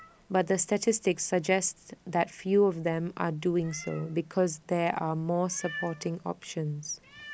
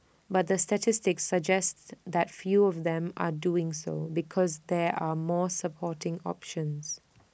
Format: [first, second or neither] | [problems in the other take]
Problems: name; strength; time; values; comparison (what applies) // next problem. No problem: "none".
second | background sound (Meow); 20 dB below the speech